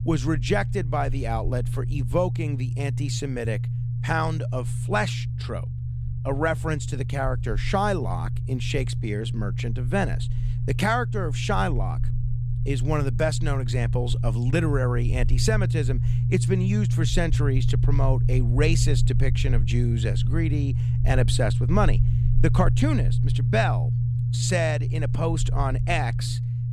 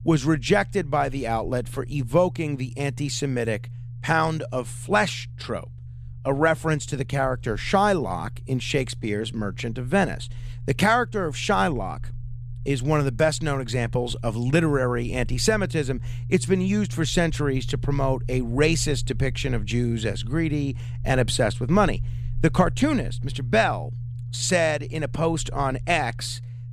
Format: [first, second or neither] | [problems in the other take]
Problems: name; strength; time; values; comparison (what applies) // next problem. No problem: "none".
second | low rumble; loud; throughout; 10 dB below the speech; faint in the second